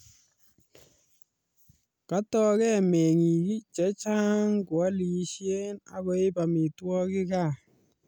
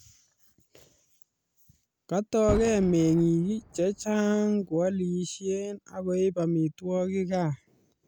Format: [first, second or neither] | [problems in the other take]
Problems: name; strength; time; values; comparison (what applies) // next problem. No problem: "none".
first | background sound (Boom); 12 dB below the speech